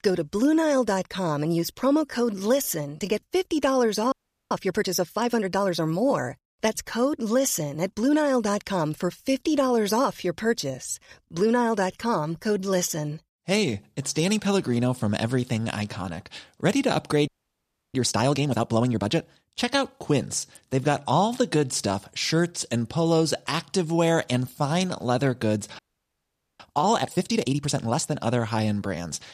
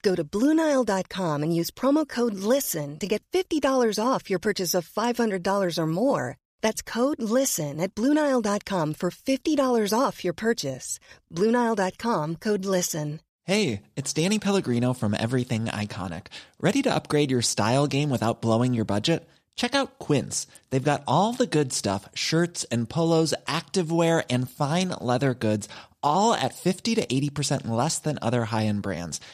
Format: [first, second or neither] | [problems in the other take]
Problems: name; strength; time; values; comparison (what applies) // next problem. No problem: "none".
second | audio freezing; at 4 s, at 17 s for 0.5 s and at 26 s for 1 s